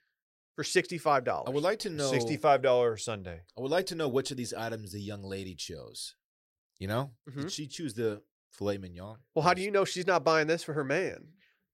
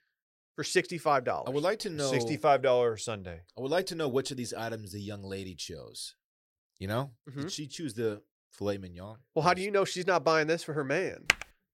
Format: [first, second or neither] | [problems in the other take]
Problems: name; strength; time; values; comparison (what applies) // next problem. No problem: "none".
first | keyboard typing; very faint; at 11 s; peak 2 dB above the speech